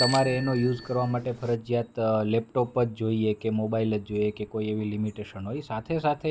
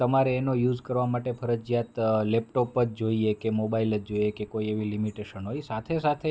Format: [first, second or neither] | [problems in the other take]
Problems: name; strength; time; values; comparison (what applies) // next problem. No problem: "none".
second | background sound (Bicycle bell); 13 dB below the speech